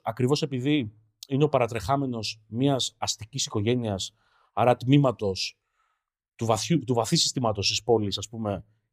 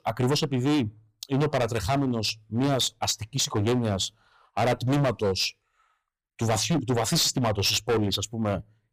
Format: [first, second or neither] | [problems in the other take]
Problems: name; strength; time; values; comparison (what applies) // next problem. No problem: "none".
first | distortion; heavy; 14% of the sound clipped